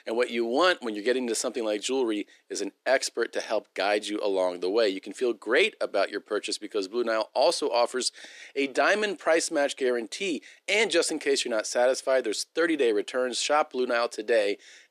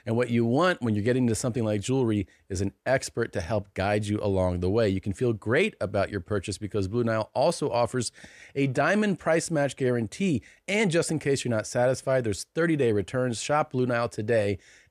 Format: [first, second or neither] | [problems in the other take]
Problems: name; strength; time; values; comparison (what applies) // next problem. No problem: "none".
second | thin; somewhat; fading below 300 Hz